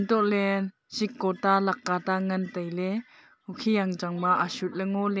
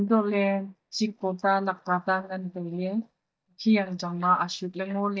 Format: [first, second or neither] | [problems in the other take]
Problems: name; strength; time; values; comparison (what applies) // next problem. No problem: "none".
first | noise reduction (neural mask model DeepFilterNet 3)